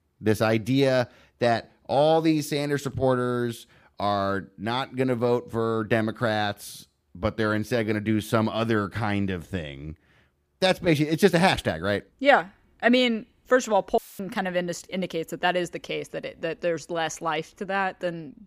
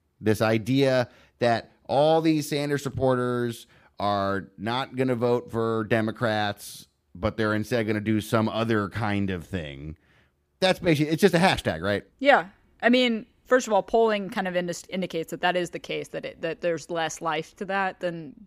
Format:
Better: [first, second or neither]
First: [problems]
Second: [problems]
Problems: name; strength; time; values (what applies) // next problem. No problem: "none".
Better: second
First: audio cutting out; filled with static; at 14 s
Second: none